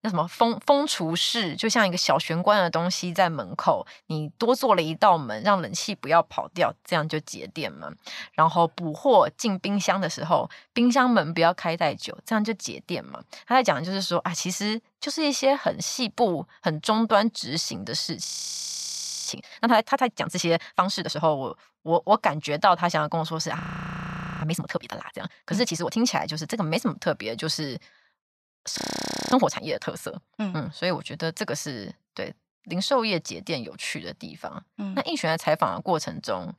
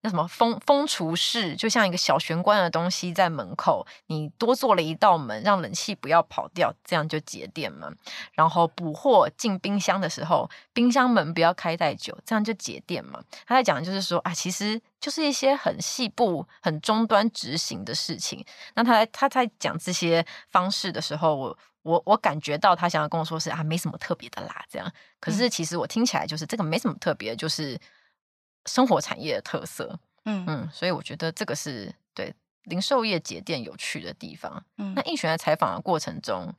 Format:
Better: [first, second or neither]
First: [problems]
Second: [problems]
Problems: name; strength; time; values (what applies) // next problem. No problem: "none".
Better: second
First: audio freezing; at 18 s for 1 s, at 24 s for 1 s and at 29 s for 0.5 s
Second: none